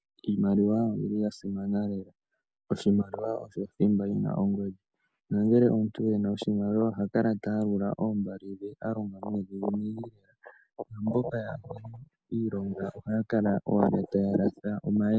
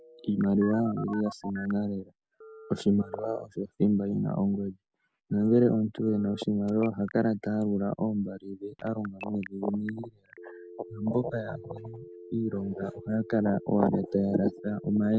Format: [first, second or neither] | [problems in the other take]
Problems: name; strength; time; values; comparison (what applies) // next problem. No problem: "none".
first | background sound (Telephone); 19 dB below the speech